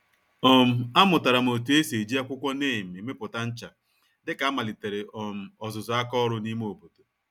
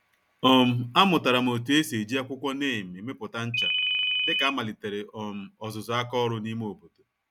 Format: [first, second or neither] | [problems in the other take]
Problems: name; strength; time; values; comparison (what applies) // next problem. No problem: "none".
first | background sound (Ringtone); 1 dB above the speech